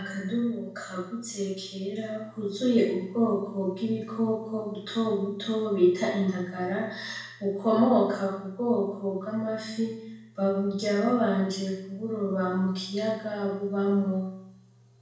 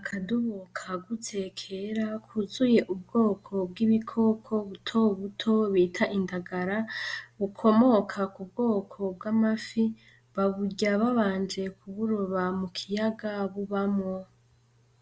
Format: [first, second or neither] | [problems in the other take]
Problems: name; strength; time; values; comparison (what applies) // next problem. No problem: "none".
second | room echo; dies away in 0.7 s